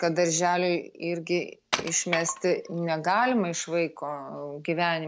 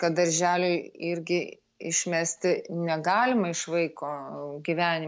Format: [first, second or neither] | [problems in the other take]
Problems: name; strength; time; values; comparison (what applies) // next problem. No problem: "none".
second | background sound (Wood); 8 dB below the speech